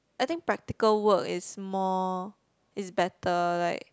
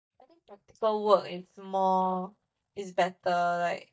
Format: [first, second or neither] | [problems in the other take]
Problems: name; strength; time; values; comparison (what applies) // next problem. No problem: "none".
first | noise reduction (neural mask model DeepFilterNet 3)